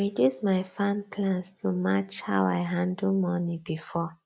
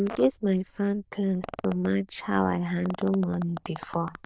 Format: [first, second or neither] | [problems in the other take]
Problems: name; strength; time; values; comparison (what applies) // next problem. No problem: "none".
first | noise reduction (neural diffusion model UNIVERSE++)